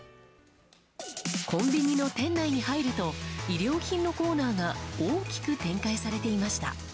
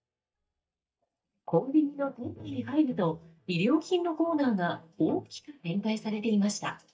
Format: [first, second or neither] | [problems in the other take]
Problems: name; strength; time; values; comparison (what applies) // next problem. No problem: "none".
first | noise reduction (neural mask model DeepFilterNet 3)